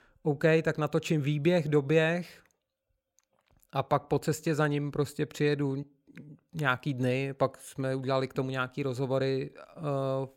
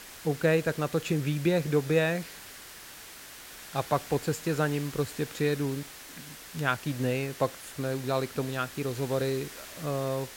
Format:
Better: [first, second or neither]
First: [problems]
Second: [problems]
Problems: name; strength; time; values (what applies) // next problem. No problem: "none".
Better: first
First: none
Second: hiss; noticeable; throughout; 15 dB below the speech